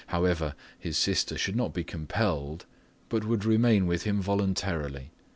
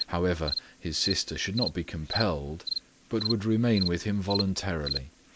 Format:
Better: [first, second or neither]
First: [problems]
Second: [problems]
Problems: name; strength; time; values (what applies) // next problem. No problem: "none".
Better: first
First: none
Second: background sound (Cricket); 7 dB below the speech